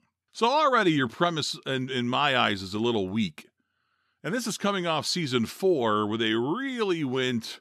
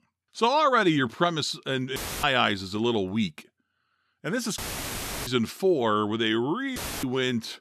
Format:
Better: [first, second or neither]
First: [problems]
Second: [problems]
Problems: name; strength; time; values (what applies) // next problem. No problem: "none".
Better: first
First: none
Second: audio cutting out; filled with static; at 2 s, at 4.5 s for 0.5 s and at 7 s